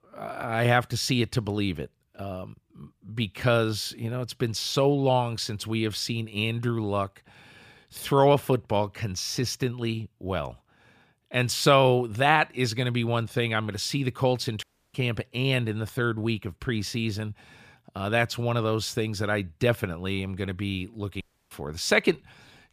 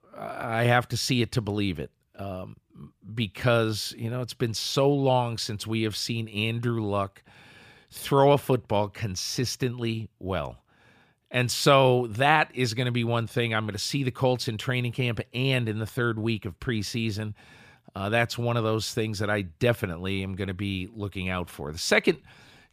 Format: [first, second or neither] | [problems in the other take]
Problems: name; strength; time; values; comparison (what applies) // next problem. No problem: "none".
second | audio cutting out; at 15 s and at 21 s